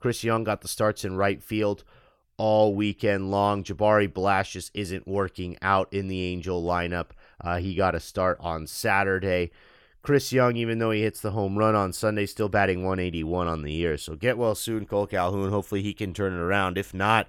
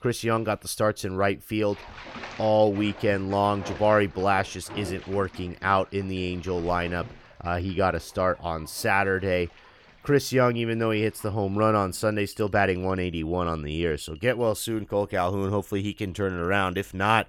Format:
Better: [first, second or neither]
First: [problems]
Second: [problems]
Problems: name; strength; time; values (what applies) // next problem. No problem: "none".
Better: first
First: none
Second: household noises; noticeable; throughout; 20 dB below the speech